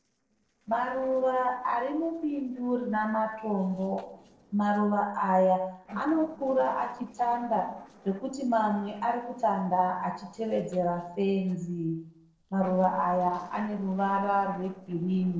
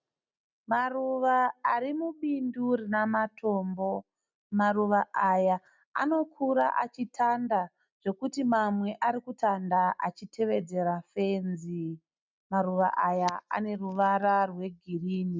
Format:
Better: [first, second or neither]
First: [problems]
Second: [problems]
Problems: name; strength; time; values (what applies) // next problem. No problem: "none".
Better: second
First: noise reduction (neural separator model SepFormer DNS4)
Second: none